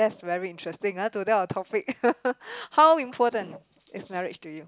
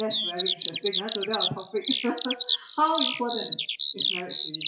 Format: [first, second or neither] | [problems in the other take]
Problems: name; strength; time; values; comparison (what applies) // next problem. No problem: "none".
first | noise reduction (classical method WPE with log-MMSE)